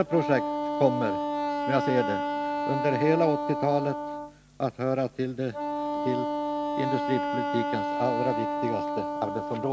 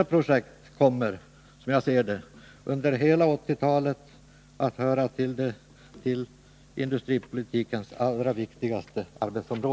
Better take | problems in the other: second | background sound (Wind instrument, woodwind instrument); 1 dB below the speech

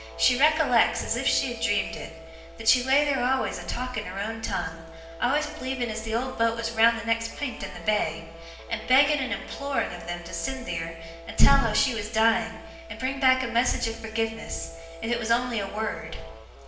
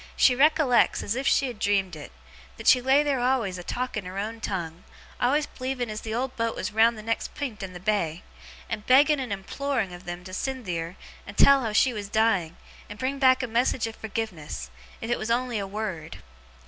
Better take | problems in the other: second | background sound (Guitar); 17 dB below the speech // room echo; dies away in 0.9 s

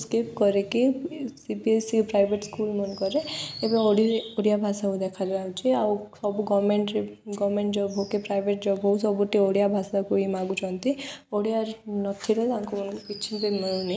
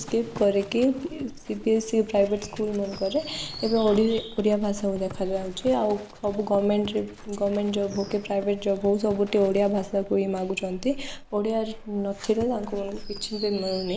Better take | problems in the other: first | background sound (Livestock, farm animals, working animals); 16 dB below the speech

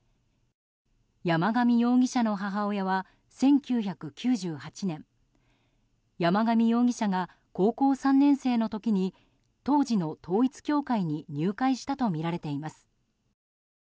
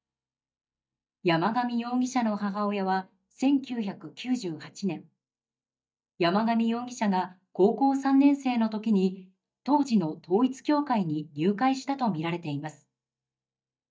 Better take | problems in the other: first | noise reduction (neural mask model DeepFilterNet 3)

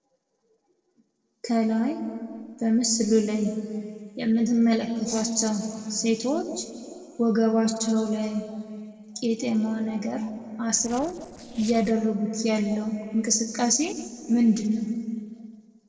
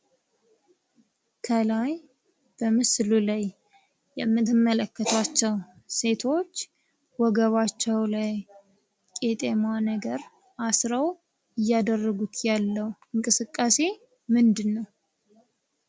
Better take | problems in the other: second | noise reduction (neural separator model SepFormer DNS4)

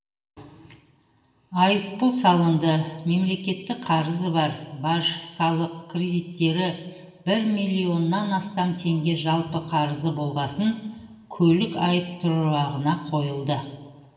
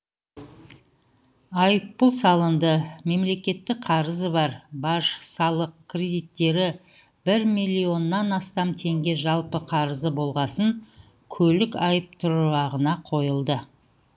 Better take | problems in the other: second | room echo; dies away in 1.1 s

